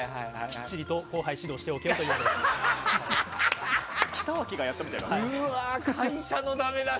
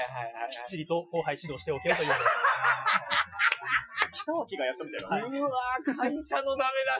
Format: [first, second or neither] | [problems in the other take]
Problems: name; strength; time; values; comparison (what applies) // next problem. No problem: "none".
first | noise reduction (classical method Wiener filter)